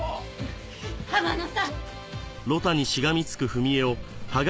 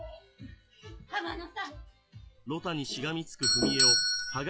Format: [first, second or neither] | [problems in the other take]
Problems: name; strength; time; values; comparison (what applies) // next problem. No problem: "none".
first | noise reduction (classical method log-MMSE)